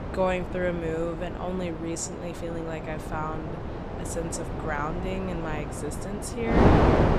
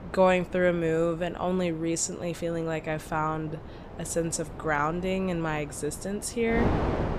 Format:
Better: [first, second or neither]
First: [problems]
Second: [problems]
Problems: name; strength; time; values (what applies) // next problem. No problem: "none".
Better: second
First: wind noise on the microphone; heavy; 1 dB above the speech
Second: wind noise on the microphone; occasional gusts; 10 dB below the speech